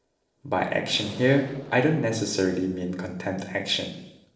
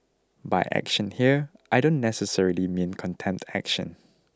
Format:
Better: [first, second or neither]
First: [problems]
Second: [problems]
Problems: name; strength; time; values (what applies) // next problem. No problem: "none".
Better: second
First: noise reduction (neural separator model SepFormer DNS4)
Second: none